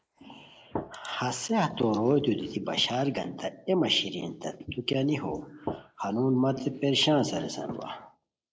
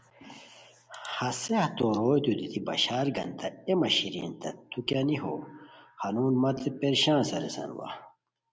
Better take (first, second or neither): second